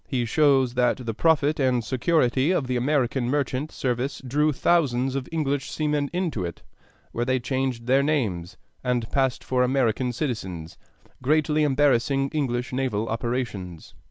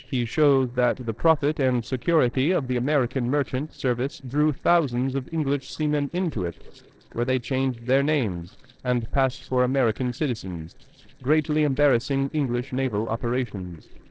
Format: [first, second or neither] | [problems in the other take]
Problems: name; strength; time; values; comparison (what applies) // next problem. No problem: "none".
first | noise reduction (neural separator model SepFormer DNS4)